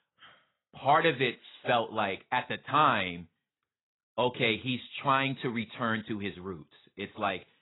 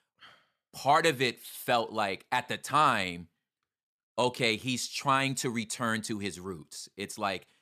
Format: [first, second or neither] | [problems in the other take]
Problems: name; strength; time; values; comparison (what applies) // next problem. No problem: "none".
second | garbled, watery; badly; nothing above 4 kHz